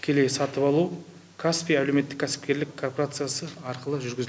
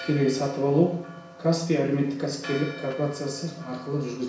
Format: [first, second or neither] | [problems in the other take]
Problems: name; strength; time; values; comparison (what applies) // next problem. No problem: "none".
first | background sound (Church bell); 17 dB below the speech // room echo; dies away in 0.6 s